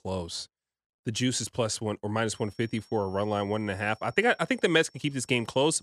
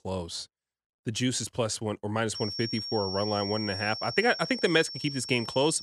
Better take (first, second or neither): first